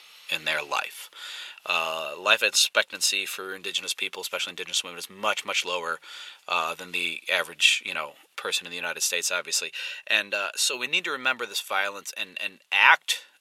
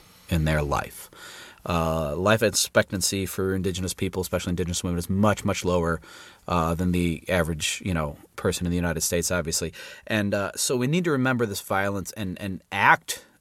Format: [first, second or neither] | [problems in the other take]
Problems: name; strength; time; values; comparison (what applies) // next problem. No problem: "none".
second | thin; very; fading below 650 Hz